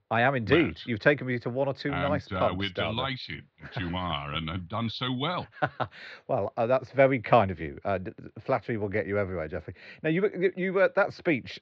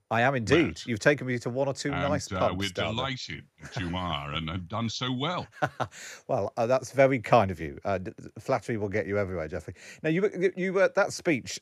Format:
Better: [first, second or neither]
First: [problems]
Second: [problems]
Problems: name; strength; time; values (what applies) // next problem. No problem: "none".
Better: second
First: muffled; slightly; fading above 4 kHz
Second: none